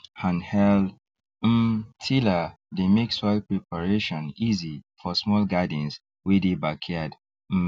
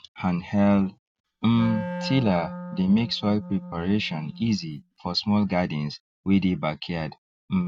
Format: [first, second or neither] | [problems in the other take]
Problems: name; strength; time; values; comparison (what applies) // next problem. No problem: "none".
first | noise reduction (neural mask model RNNoise)